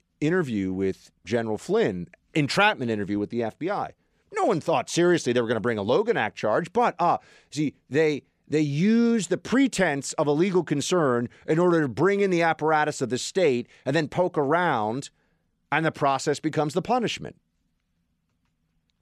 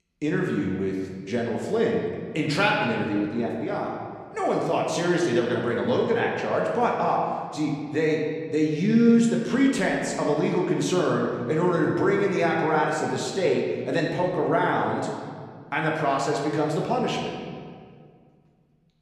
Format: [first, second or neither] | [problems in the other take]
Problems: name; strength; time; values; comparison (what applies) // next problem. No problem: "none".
first | room echo; noticeable; dies away in 1.7 s // off-mic speech; somewhat distant